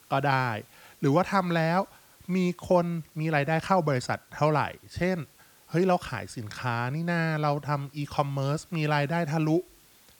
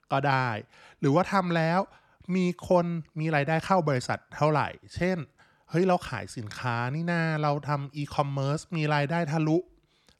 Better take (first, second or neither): second